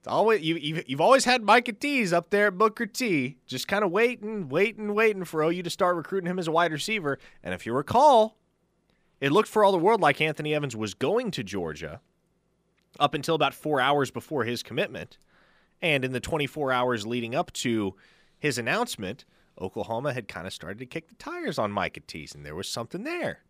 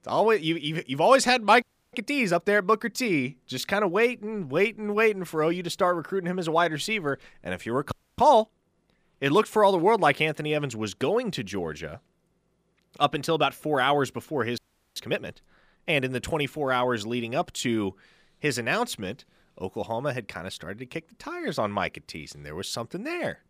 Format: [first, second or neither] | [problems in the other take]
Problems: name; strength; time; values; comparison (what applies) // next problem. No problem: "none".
first | audio freezing; at 1.5 s, at 8 s and at 15 s